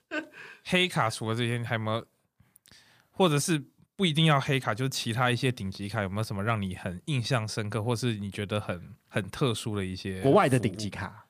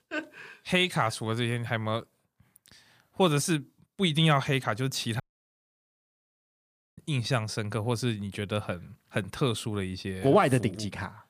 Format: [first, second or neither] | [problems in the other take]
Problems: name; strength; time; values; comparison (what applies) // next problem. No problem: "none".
first | audio cutting out; at 5 s for 2 s